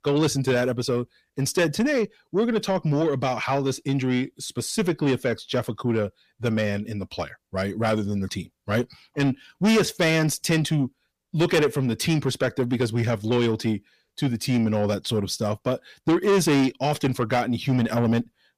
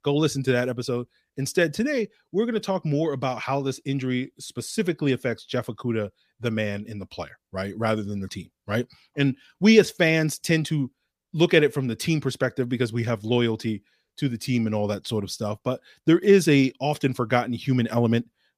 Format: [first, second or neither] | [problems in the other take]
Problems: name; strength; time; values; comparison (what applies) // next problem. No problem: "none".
second | distortion; heavy; 8 dB below the speech